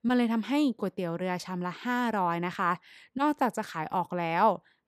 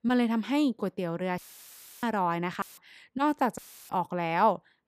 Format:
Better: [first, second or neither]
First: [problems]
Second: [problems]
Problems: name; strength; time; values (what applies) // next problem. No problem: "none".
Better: first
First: none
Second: audio cutting out; filled with static; at 1.5 s for 0.5 s, at 2.5 s and at 3.5 s